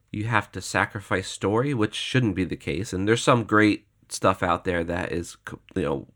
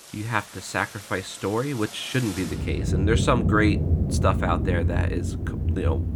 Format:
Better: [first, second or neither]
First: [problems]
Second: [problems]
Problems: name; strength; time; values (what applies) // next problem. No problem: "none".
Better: first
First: none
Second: rain or running water; very loud; throughout; 1 dB above the speech